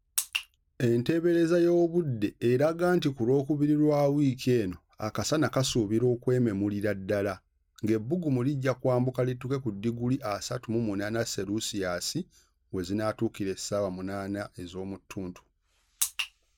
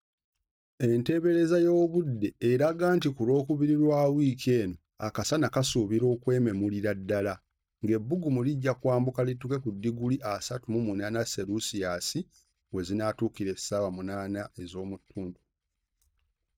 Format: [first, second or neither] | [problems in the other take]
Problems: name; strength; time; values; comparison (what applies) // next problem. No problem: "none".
first | noise reduction (neural mask model DeepFilterNet 3)